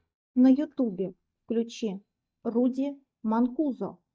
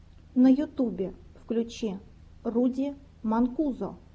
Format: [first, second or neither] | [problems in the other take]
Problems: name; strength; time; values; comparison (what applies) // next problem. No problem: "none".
second | noise reduction (neural mask model DeepFilterNet 3)